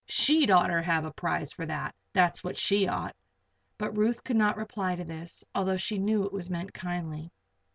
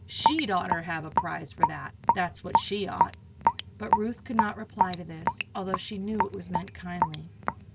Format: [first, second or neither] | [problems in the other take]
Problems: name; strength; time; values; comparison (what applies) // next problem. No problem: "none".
first | background sound (Raindrop / Drip); 4 dB above the speech